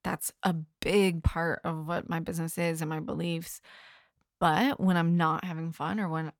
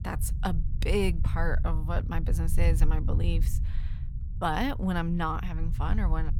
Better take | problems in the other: first | low rumble; noticeable; throughout; 15 dB below the speech

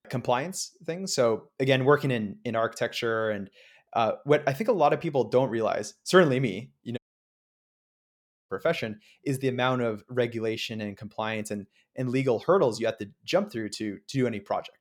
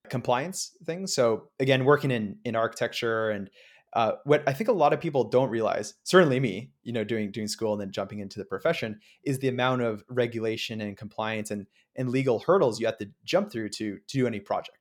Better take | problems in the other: second | audio cutting out; at 7 s for 1.5 s

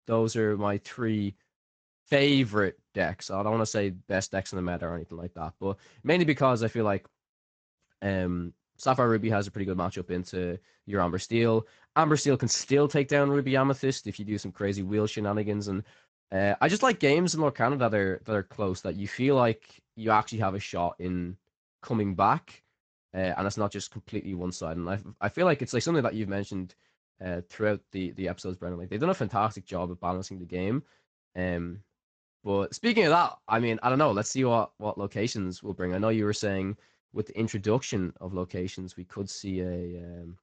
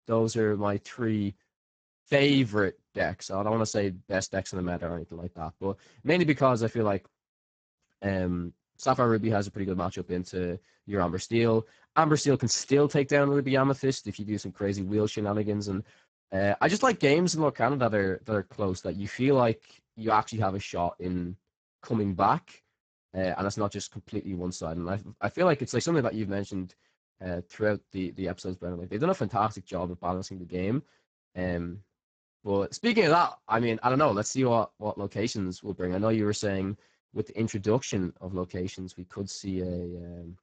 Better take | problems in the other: first | garbled, watery; badly; nothing above 7.5 kHz; slightly in the first

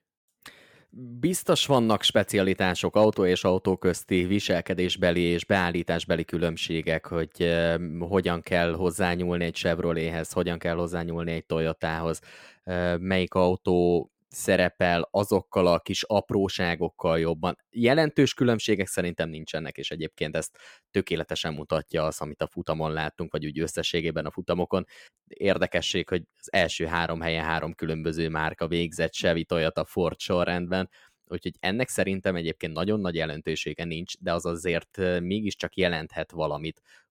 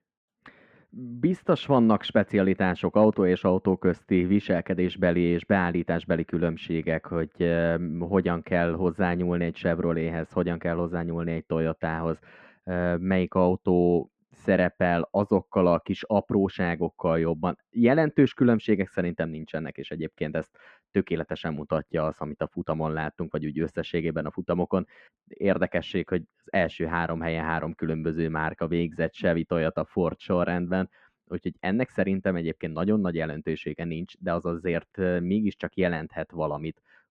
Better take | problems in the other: first | muffled; very; fading above 1.5 kHz

